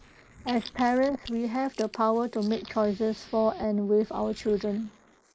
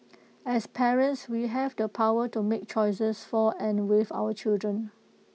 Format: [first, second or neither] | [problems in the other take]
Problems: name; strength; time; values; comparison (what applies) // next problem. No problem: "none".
second | noise reduction (neural mask model Resemble Enhance denoiser)